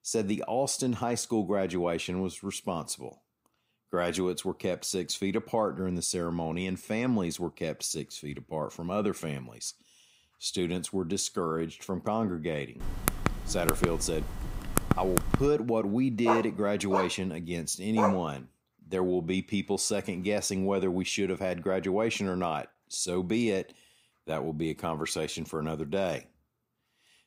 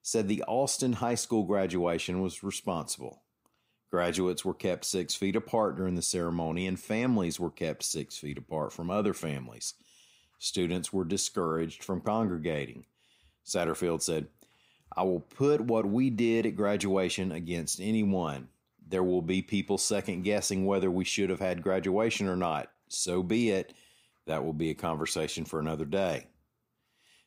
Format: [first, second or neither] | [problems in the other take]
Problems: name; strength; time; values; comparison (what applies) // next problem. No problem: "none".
second | keyboard typing; loud; from 13 to 15 s; peak 1 dB above the speech // dog barking; loud; from 16 to 18 s; peak 1 dB above the speech